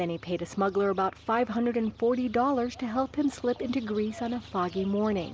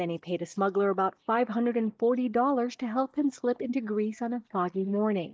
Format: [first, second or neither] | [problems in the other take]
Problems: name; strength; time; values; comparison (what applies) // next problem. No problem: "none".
first | noise reduction (neural mask model DeepFilterNet 3)